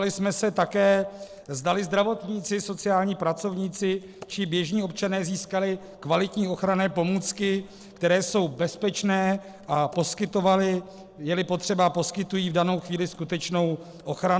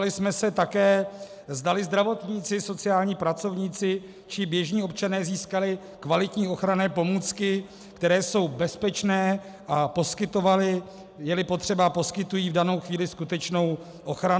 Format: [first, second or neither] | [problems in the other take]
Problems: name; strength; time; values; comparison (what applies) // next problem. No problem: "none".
second | noise reduction (neural separator model SepFormer DNS4)